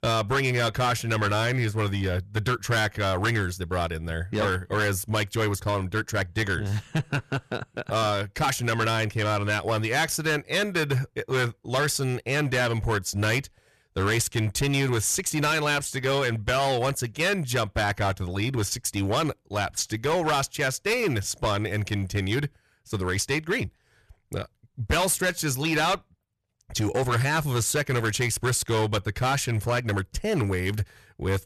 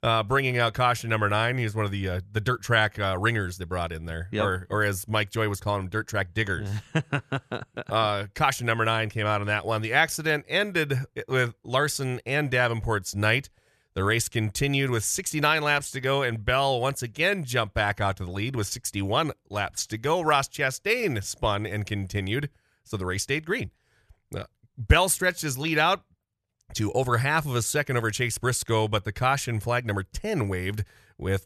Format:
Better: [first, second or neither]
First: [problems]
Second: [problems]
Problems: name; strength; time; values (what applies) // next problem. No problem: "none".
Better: second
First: distortion; heavy; 12% of the sound clipped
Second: none